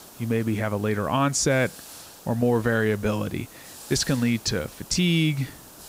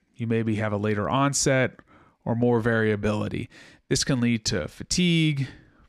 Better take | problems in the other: second | hiss; noticeable; throughout; 20 dB below the speech

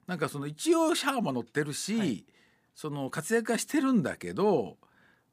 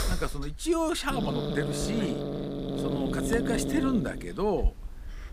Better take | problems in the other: first | hiss; loud; throughout; 2 dB below the speech

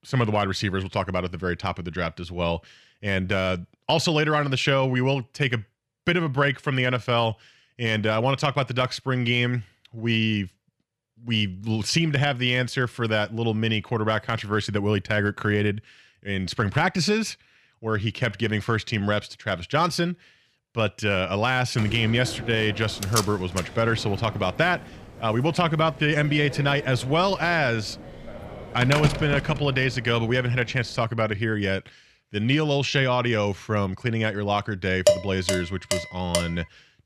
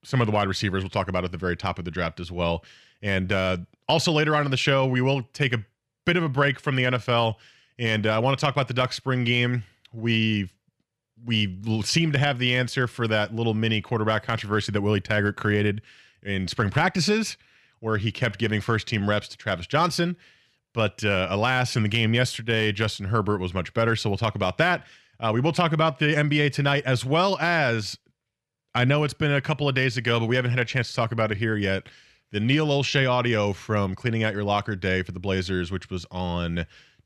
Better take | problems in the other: second | door banging; noticeable; from 22 to 30 s; peak 1 dB below the speech // clattering dishes; loud; from 35 to 36 s; peak 3 dB above the speech

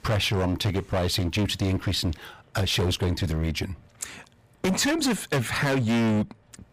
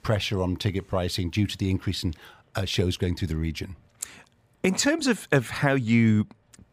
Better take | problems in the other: second | distortion; heavy; 19% of the sound clipped

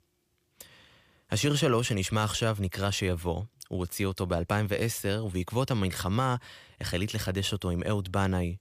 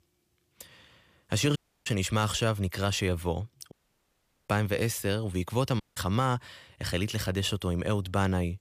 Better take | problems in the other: first | audio cutting out; at 1.5 s, at 3.5 s for 1 s and at 6 s

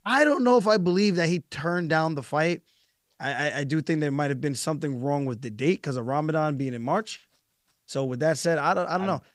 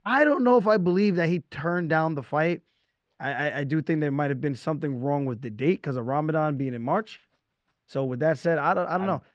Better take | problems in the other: first | muffled; slightly; fading above 2.5 kHz

